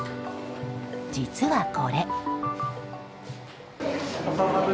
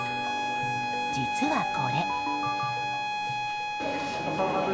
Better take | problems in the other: first | background sound (Bowed string instrument); 2 dB above the speech

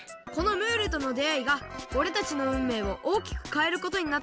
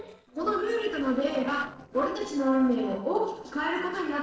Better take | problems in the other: first | noise reduction (neural separator model SepFormer DNS4)

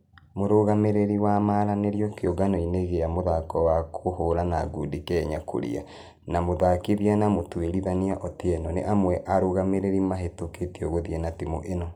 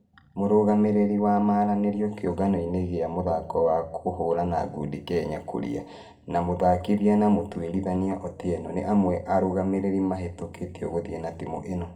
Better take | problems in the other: first | room echo; dies away in 0.7 s

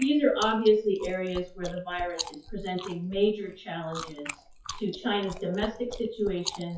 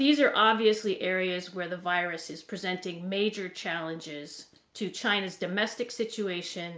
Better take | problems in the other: second | noise reduction (classical method WPE with log-MMSE)

